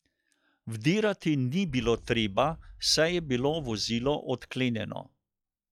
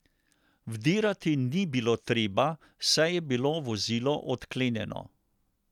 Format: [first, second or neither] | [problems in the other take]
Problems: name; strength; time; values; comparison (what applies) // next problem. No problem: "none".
second | noise reduction (classical method log-MMSE)